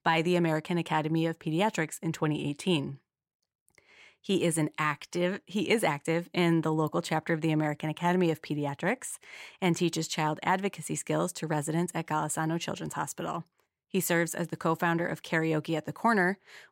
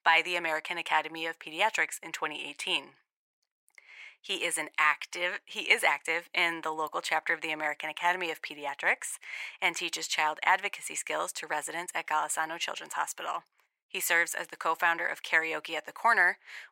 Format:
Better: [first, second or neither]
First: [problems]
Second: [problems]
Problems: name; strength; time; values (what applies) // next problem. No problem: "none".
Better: first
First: none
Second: thin; very; fading below 850 Hz